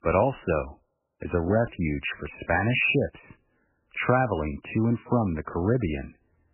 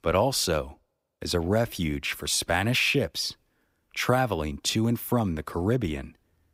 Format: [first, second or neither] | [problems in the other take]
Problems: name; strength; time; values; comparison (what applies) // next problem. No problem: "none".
second | garbled, watery; badly; nothing above 3 kHz